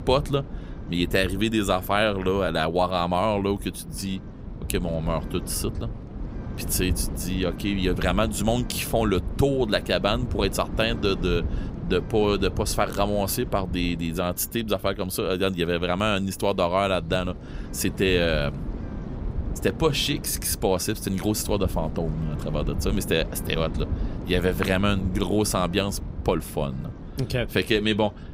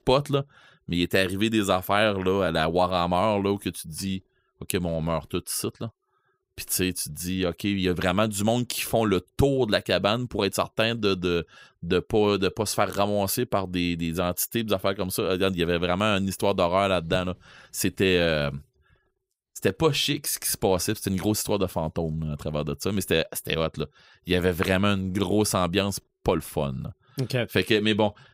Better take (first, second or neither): second